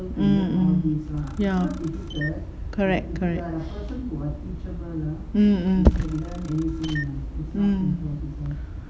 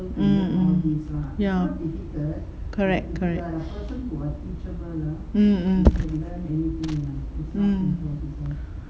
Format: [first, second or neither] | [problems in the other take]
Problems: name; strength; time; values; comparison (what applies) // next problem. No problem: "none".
second | background sound (Camera); 18 dB below the speech